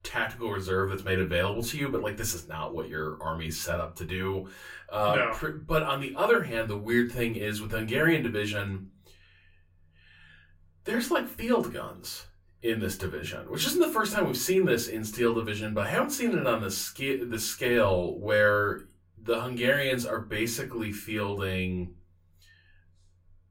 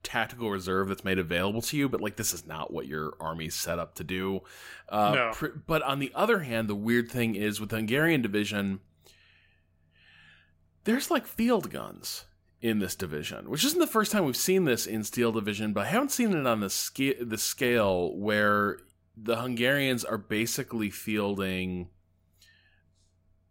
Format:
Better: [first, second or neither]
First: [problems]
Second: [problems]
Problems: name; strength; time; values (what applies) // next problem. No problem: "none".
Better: second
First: off-mic speech; far // room echo; very slight; dies away in 0.2 s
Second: none